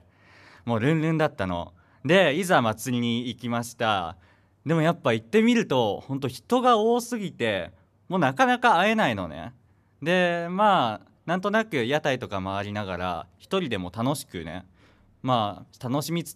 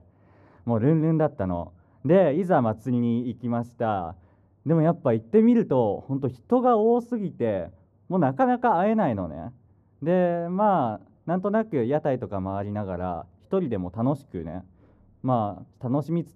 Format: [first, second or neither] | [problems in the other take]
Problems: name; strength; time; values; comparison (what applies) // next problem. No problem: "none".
first | muffled; very; fading above 1.5 kHz